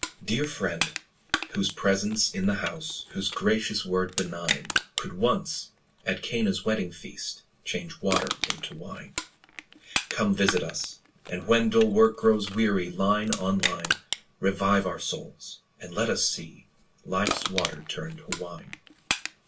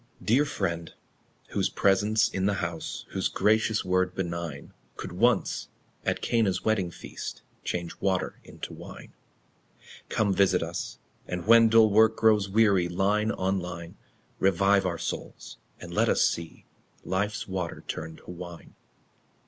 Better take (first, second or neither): second